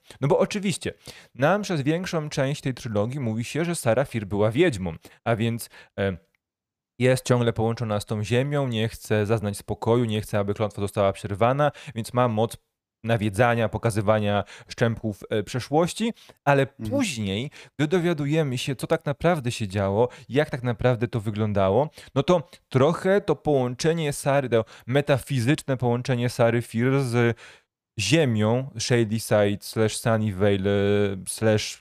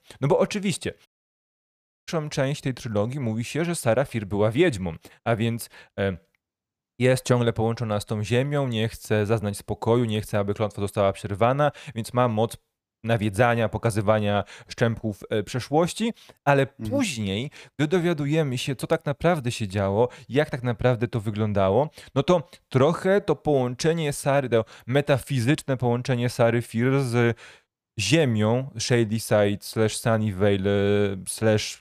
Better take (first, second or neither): first